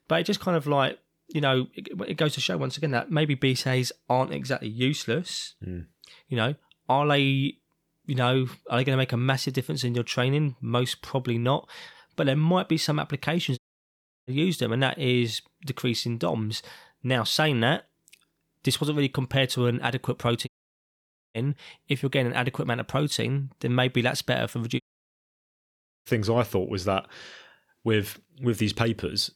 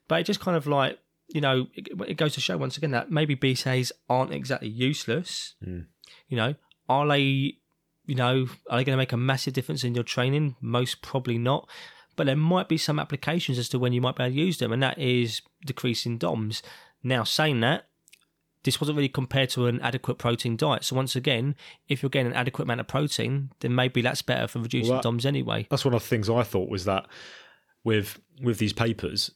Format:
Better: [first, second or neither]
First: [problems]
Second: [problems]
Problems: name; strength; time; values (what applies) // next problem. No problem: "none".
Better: second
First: audio cutting out; at 14 s for 0.5 s, at 20 s for 1 s and at 25 s for 1.5 s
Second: none